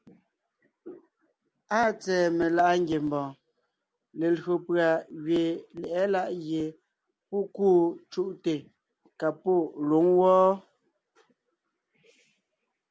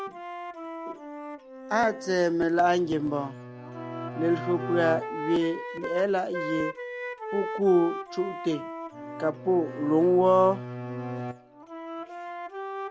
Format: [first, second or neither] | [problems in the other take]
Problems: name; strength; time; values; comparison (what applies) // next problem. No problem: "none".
first | background sound (Wind instrument, woodwind instrument + Bowed string instrument); 9 dB below the speech